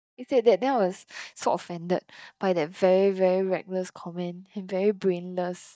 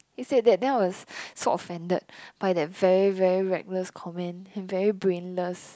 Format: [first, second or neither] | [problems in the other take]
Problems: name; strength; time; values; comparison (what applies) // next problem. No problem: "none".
second | noise reduction (neural mask model DeepFilterNet 3)